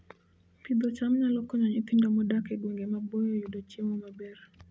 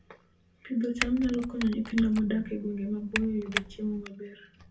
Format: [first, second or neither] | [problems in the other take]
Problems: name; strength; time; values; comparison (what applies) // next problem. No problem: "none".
first | background sound (Typing); 7 dB below the speech // room echo; dies away in 0.3 s